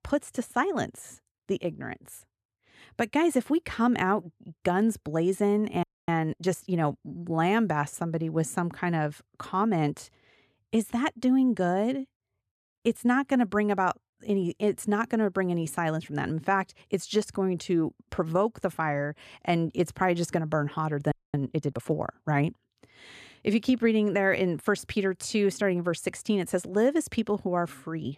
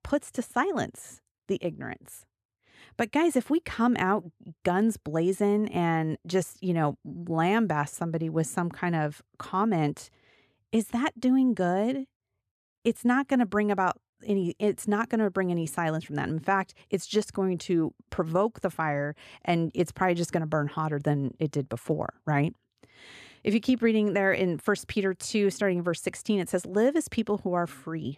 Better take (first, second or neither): second